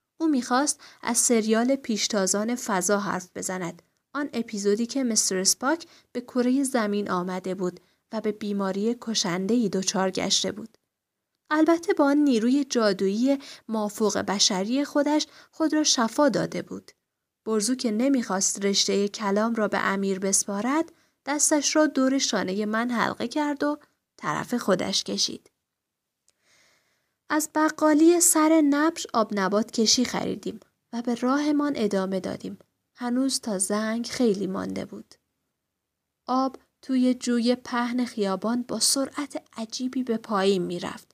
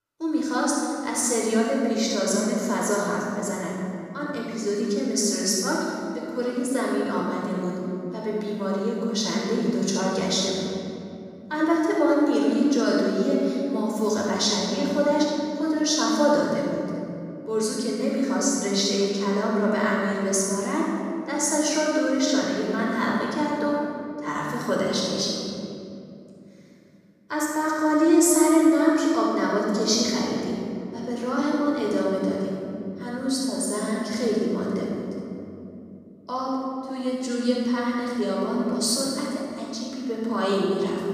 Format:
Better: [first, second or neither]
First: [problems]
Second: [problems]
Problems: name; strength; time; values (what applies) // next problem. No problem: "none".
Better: first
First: none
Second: off-mic speech; far // room echo; strong; dies away in 2.8 s